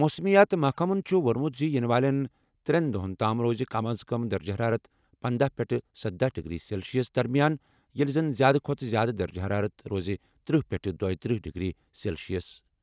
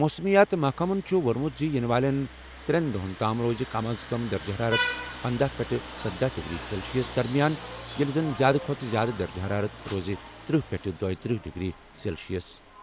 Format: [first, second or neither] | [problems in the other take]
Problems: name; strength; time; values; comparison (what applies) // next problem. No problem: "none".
first | background sound (Vehicle horn, car horn, honking + Writing); 12 dB below the speech